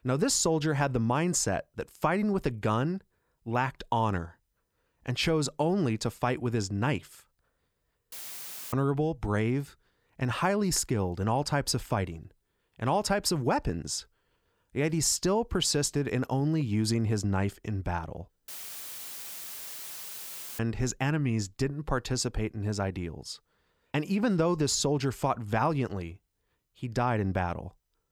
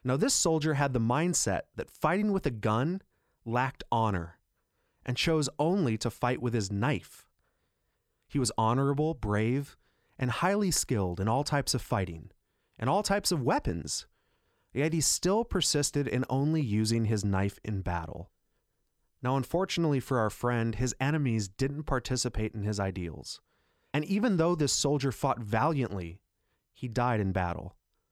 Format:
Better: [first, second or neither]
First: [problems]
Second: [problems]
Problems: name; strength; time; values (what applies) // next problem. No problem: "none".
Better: second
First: audio cutting out; filled with static; at 8 s for 0.5 s and at 18 s for 2 s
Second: none